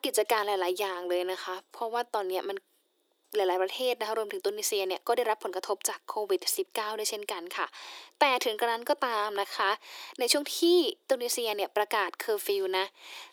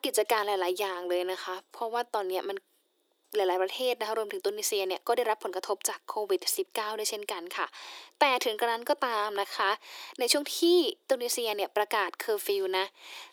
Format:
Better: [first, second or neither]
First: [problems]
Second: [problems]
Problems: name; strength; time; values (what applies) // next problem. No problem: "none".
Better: neither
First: thin; very; fading below 350 Hz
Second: thin; very; fading below 350 Hz